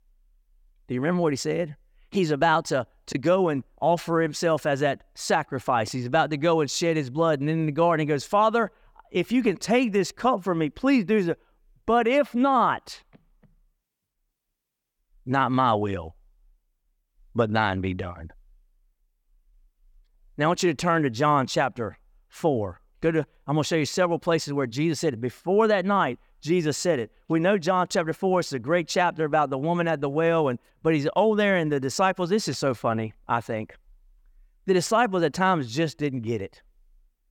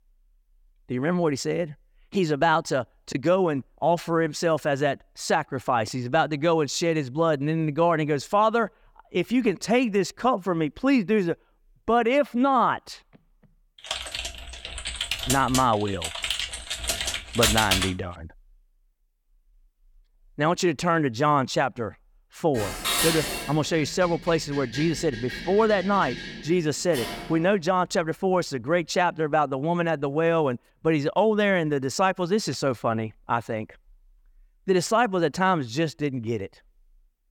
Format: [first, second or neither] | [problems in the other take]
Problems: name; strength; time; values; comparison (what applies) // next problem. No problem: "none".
first | keyboard typing; loud; from 14 to 18 s; peak 4 dB above the speech // clattering dishes; loud; from 23 to 27 s; peak 2 dB above the speech